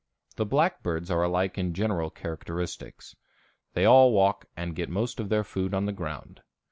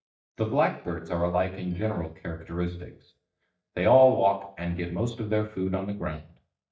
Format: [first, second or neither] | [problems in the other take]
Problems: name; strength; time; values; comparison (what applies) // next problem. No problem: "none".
first | noise reduction (neural mask model DeepFilterNet 3)